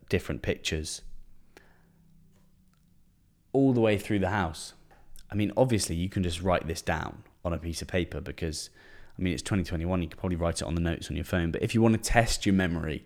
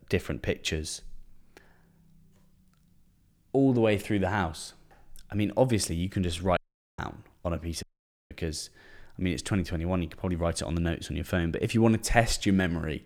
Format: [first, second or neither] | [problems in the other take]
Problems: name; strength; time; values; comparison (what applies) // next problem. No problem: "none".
first | audio cutting out; at 6.5 s and at 8 s